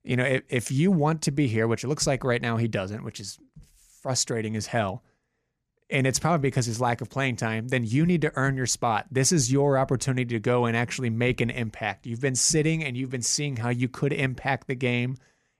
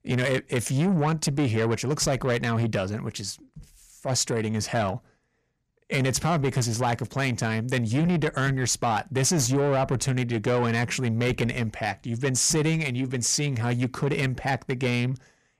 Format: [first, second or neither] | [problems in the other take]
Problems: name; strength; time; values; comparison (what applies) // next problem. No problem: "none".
first | distortion; slight; 10 dB below the speech